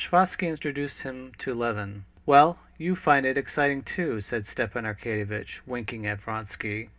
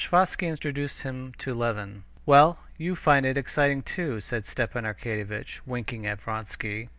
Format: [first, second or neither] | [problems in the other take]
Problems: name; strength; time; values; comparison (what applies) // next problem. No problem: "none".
second | room echo; dies away in 0.3 s